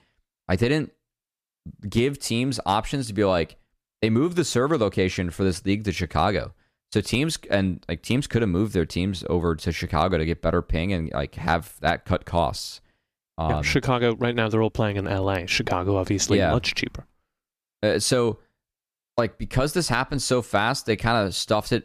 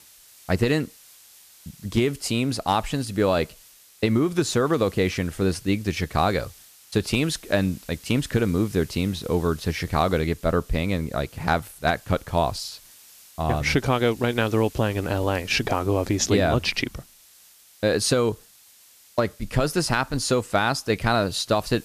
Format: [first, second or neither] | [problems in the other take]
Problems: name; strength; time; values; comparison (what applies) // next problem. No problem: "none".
first | hiss; faint; throughout; 25 dB below the speech